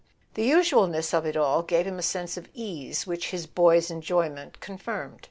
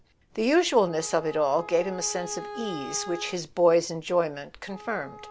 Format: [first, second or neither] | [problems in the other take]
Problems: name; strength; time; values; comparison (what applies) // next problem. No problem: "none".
first | background sound (Wind instrument, woodwind instrument); 16 dB below the speech